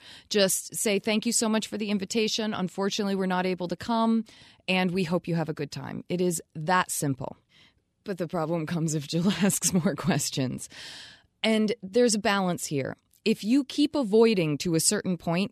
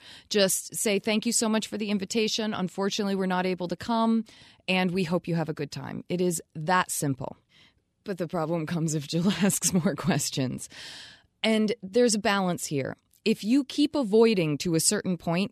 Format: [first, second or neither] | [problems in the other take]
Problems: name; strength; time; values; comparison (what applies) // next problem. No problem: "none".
neither | none